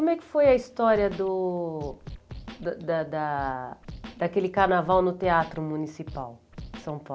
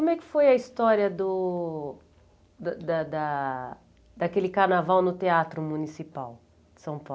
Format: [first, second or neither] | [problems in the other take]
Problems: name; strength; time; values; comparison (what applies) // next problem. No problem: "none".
second | background sound (Scratching (performance technique)); 17 dB below the speech